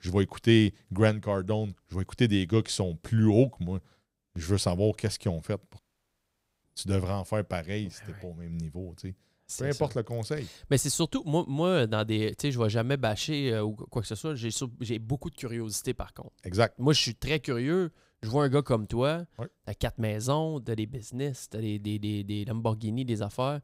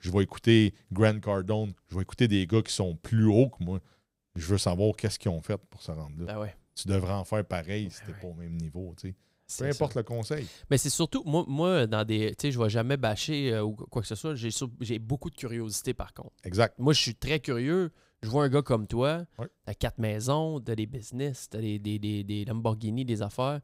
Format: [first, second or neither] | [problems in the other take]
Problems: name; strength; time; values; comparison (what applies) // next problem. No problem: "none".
second | audio cutting out; at 6 s for 1 s